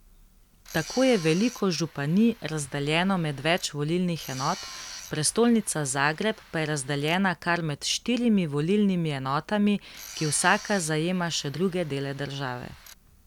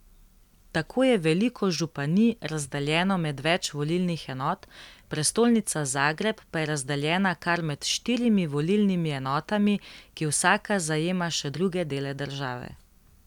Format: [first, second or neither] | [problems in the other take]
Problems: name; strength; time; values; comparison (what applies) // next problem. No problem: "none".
second | background sound (Tools); 17 dB below the speech